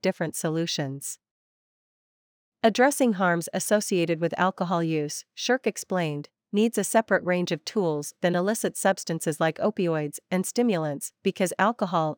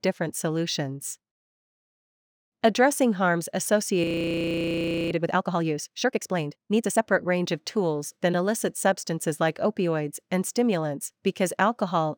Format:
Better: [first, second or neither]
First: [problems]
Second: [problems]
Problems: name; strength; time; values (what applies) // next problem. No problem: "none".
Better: first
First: none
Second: audio freezing; at 4 s for 1 s